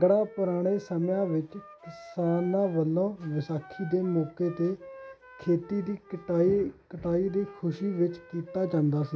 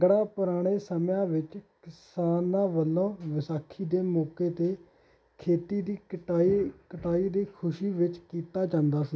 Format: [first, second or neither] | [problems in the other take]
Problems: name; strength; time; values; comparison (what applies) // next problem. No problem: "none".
second | background sound (Wind instrument, woodwind instrument); 20 dB below the speech